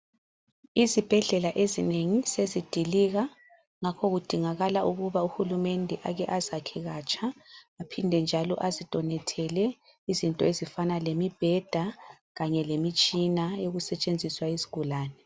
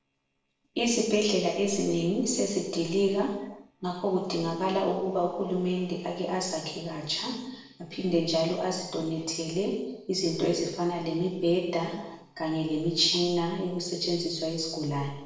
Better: first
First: none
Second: noise reduction (neural separator model SepFormer DNS4)

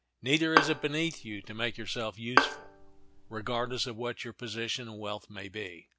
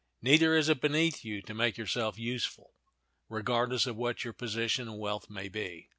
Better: second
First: background sound (Bowed string instrument); 2 dB above the speech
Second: none

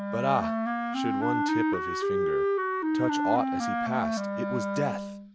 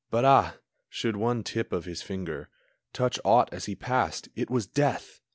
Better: second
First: background sound (Wind instrument, woodwind instrument); 5 dB above the speech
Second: none

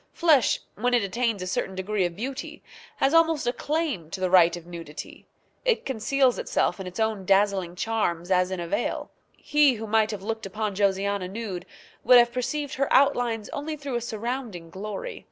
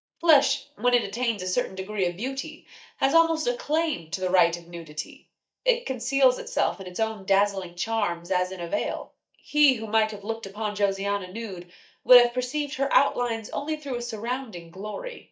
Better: first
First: none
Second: noise reduction (neural mask model DeepFilterNet 3)

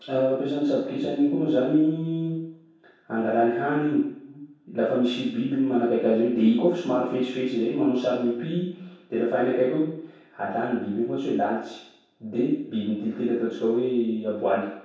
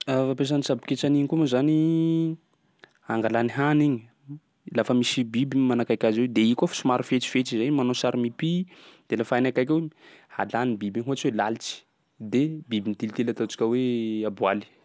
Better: second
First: room echo; dies away in 0.7 s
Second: none

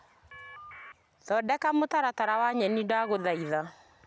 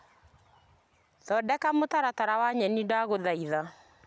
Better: second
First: background sound (Telephone); 17 dB below the speech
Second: none

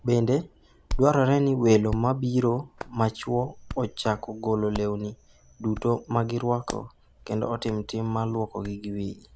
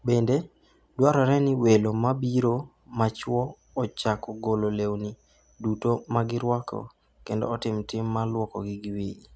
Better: second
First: background sound (Hands); 14 dB below the speech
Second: none

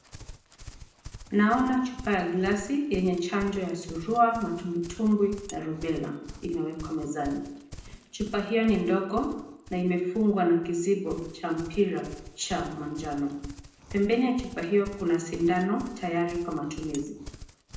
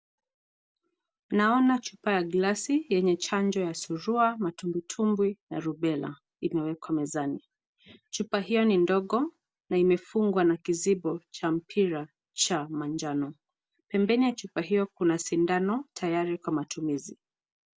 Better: second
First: background sound (Livestock, farm animals, working animals); 17 dB below the speech // room echo; dies away in 0.7 s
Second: none

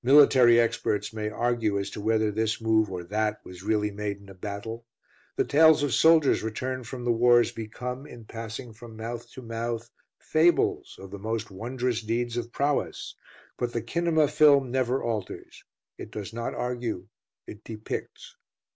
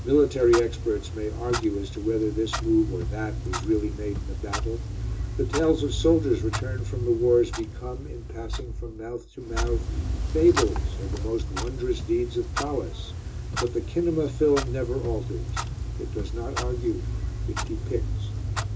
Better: first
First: none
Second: background sound (Clock); 3 dB below the speech // room echo; dies away in 0.2 s

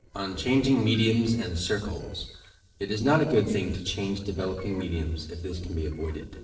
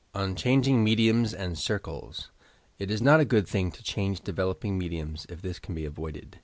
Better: second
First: noise reduction (neural separator model SepFormer DNS4)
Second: none

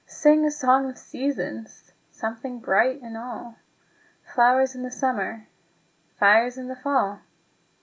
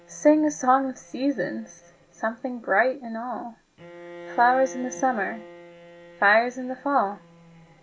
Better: first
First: none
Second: background sound (Bowed string instrument); 20 dB below the speech

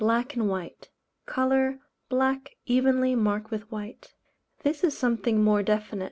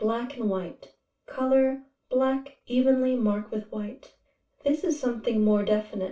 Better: first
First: none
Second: room echo; dies away in 0.2 s

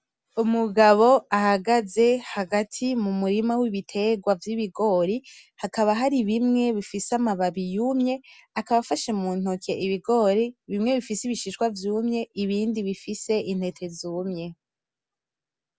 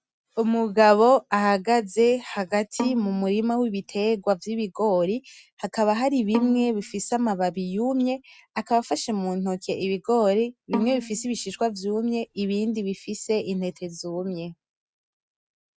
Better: first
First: none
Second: noise reduction (neural mask model RNNoise)

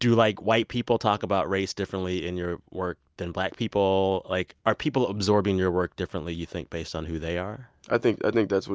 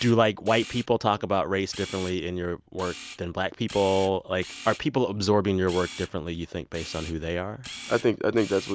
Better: first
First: none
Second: background sound (Camera); 17 dB below the speech

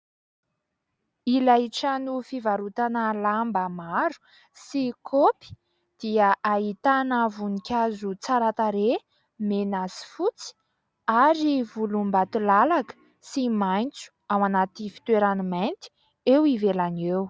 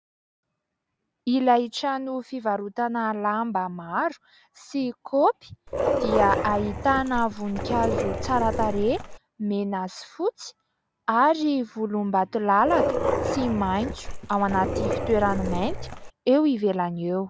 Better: first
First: none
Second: background sound (Dog); 2 dB below the speech

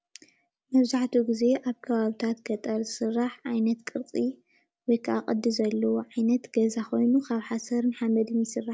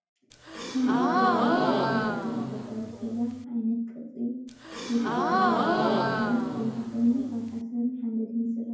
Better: first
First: none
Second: background sound (Gasp); 1 dB above the speech // room echo; dies away in 0.9 s

